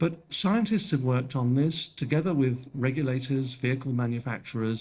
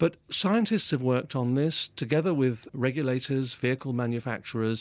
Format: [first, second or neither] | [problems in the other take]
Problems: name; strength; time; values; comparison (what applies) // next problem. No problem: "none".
second | noise reduction (neural separator model SepFormer DNS4)